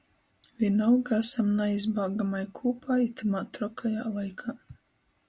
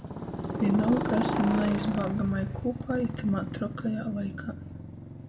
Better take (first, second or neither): first